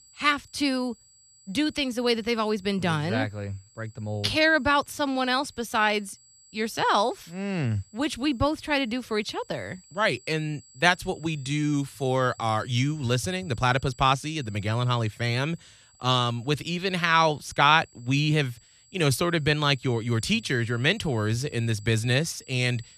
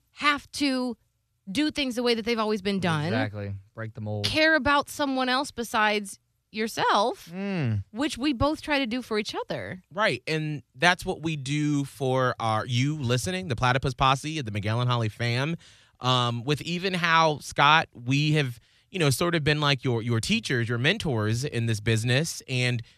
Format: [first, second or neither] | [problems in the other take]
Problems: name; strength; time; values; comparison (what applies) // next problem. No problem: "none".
second | high-pitched whine; faint; throughout; 7.5 kHz, 25 dB below the speech